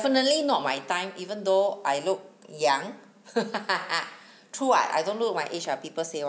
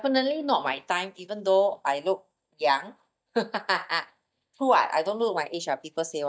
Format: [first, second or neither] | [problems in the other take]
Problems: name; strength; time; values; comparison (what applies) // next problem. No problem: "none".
first | noise reduction (neural mask model DeepFilterNet 3)